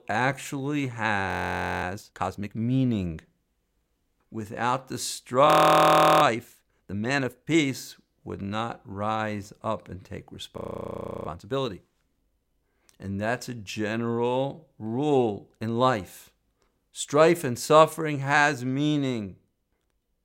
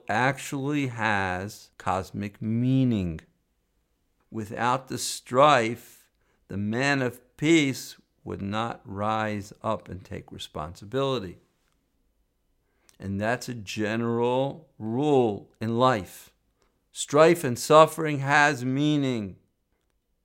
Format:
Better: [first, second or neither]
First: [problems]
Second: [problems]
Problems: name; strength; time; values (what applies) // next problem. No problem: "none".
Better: second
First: audio freezing; at 1.5 s for 0.5 s, at 5.5 s for 0.5 s and at 11 s for 0.5 s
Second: none